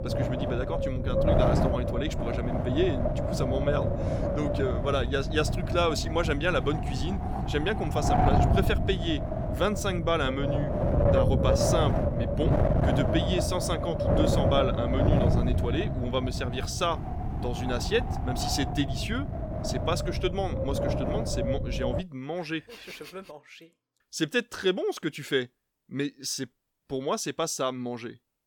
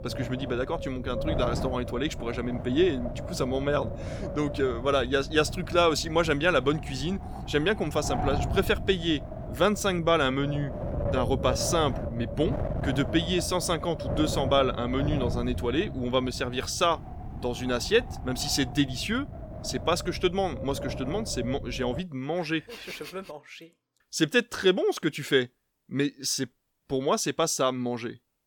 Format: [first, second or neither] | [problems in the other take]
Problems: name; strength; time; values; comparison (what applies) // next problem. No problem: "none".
second | wind noise on the microphone; heavy; until 22 s; as loud as the speech; occasional gusts in the second